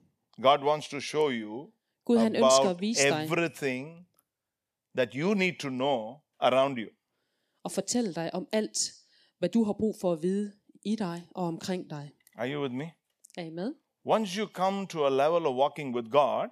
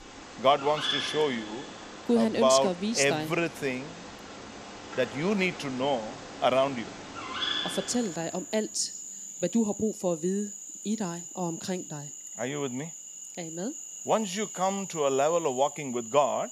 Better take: first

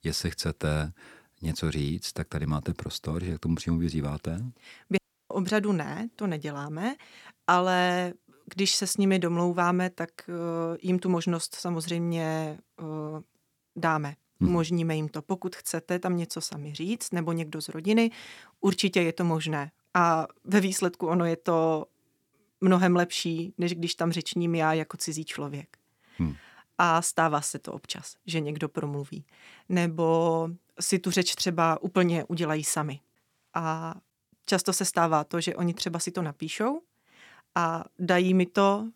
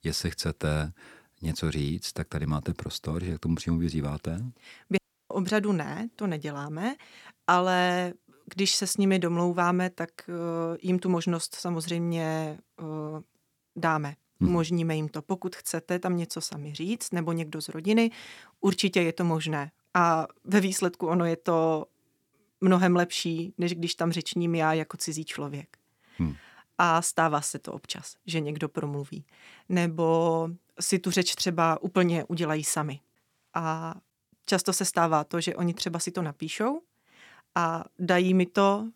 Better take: neither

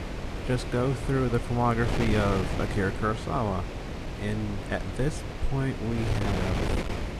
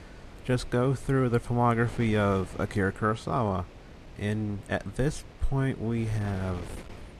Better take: second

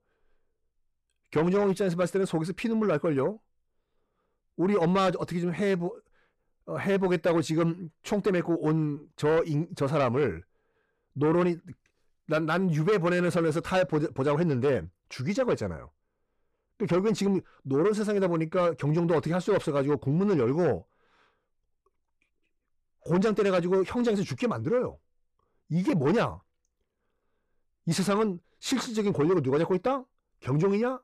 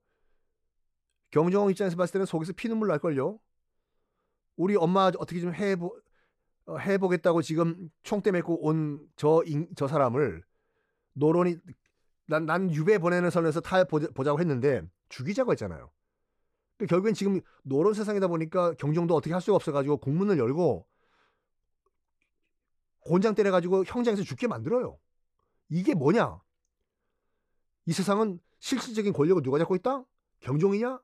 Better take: second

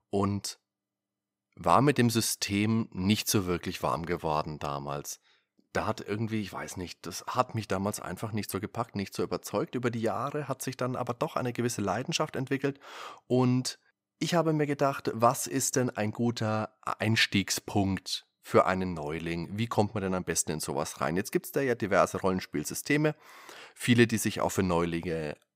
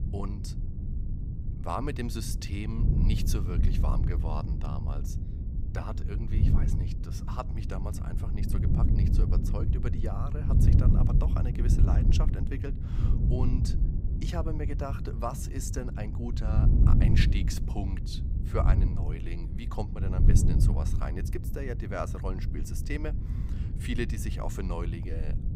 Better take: first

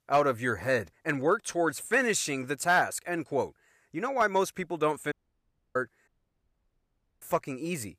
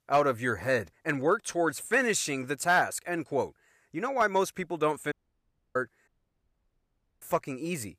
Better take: neither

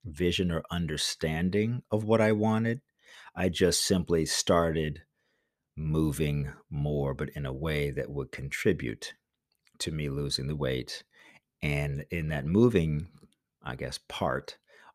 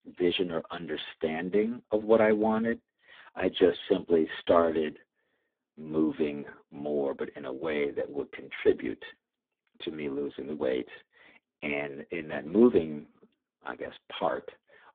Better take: first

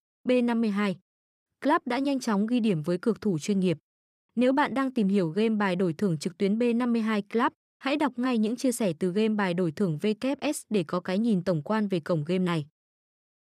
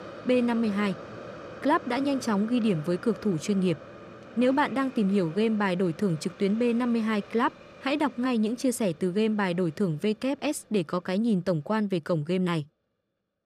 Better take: first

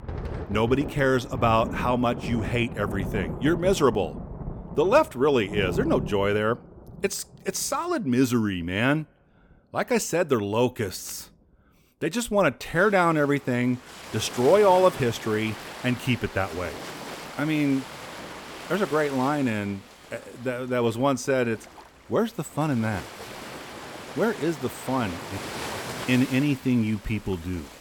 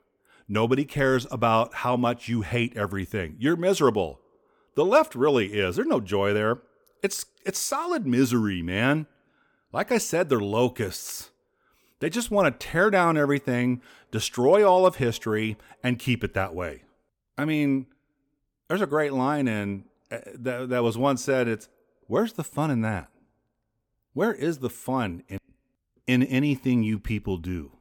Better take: second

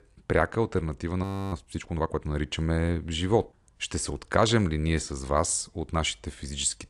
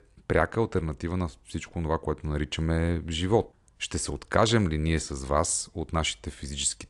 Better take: second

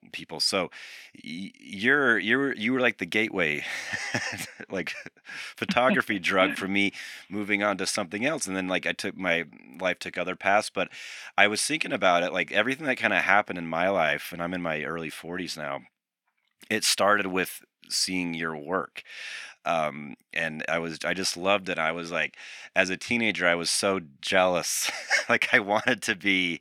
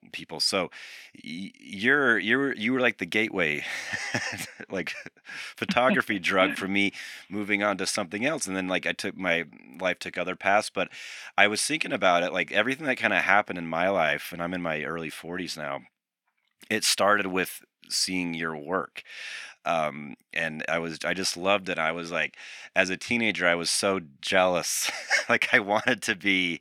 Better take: neither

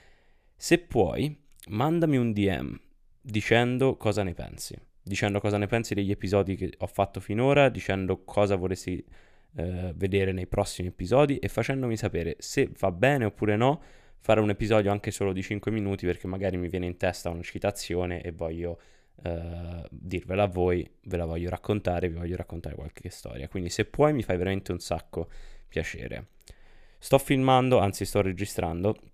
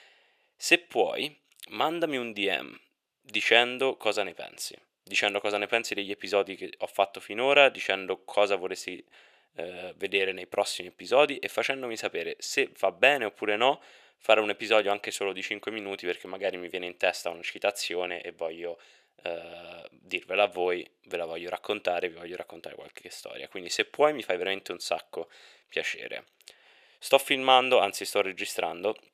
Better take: first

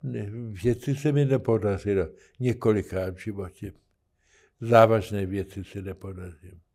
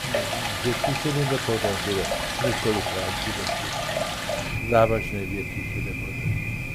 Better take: first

